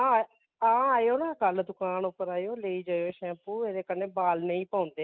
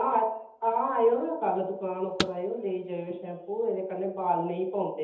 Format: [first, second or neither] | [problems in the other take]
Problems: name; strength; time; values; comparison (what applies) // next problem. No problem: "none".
first | background sound (Car); 11 dB below the speech // room echo; dies away in 0.8 s